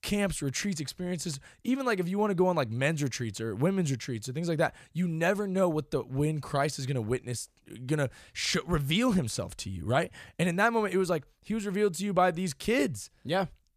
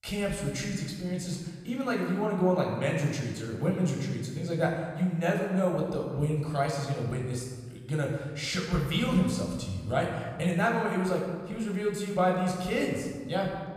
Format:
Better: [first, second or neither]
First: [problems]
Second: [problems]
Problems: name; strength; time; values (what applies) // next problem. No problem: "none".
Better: first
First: none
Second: off-mic speech; somewhat distant // room echo; noticeable; dies away in 1.3 s